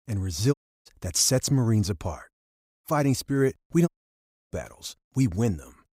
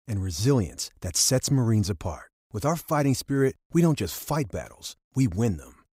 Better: second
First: audio cutting out; at 0.5 s, at 2.5 s and at 4 s for 0.5 s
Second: none

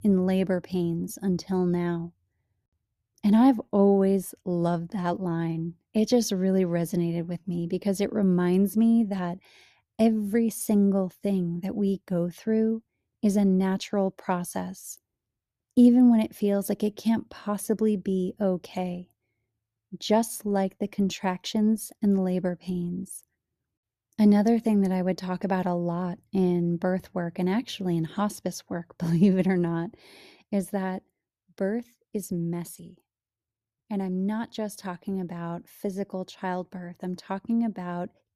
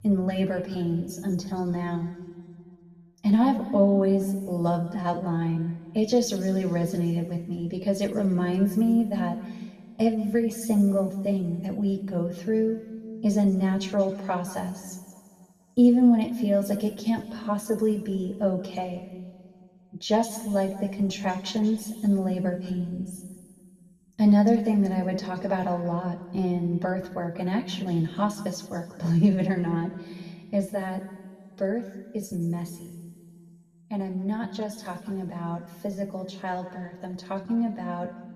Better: first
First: none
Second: room echo; noticeable; dies away in 2 s // off-mic speech; somewhat distant

